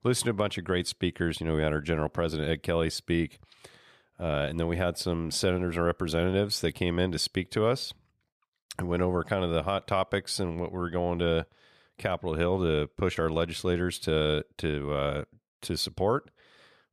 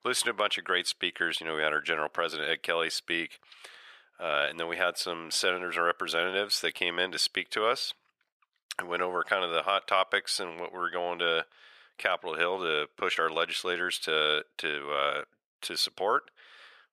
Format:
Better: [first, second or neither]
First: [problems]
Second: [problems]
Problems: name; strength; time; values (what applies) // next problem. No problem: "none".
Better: first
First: none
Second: thin; very; fading below 550 Hz